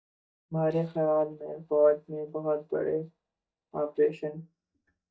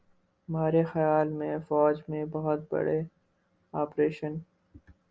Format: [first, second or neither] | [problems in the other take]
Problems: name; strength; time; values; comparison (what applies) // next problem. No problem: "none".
second | noise reduction (neural mask model DeepFilterNet 3)